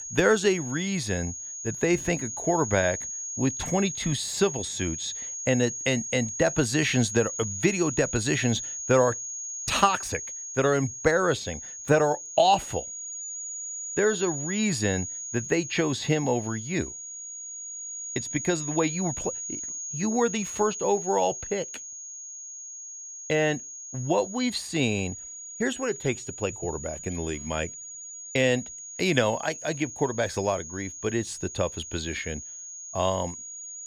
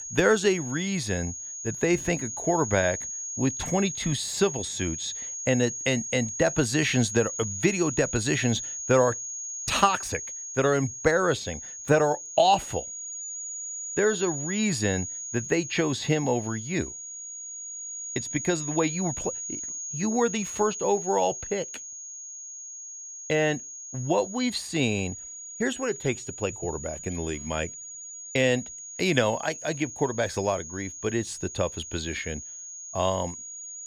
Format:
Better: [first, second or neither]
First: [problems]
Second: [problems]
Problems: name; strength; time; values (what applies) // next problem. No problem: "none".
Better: neither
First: high-pitched whine; loud; throughout; 6.5 kHz, 7 dB below the speech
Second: high-pitched whine; loud; throughout; 6.5 kHz, 7 dB below the speech